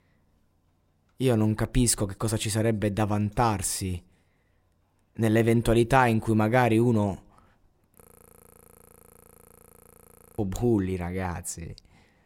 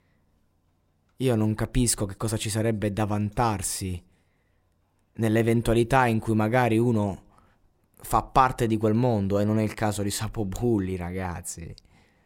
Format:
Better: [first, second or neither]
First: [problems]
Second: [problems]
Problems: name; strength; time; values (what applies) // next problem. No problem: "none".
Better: second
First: audio freezing; at 8 s for 2.5 s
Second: none